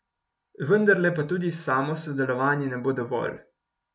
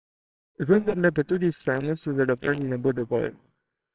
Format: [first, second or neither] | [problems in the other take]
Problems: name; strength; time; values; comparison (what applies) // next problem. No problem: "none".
first | noise reduction (neural separator model SepFormer WHAMR!)